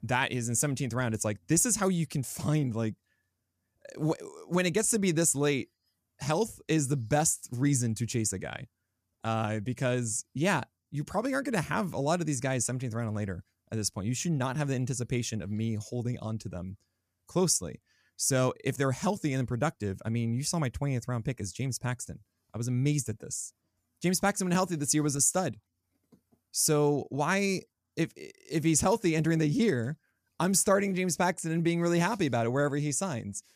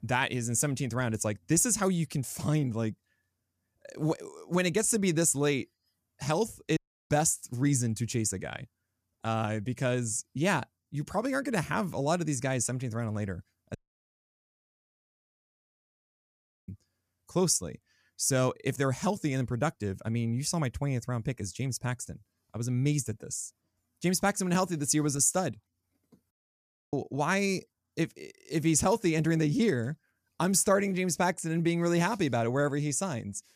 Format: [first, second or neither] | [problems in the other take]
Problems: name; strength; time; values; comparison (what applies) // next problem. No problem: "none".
first | audio cutting out; at 7 s, at 14 s for 3 s and at 26 s for 0.5 s